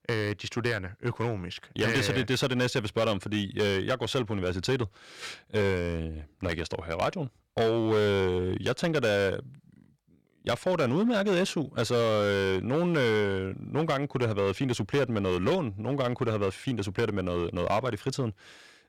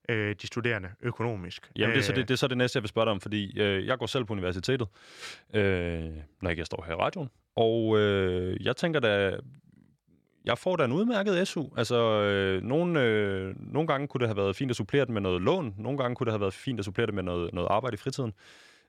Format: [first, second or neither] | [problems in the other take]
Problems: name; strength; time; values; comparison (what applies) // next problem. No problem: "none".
second | distortion; slight; 8% of the sound clipped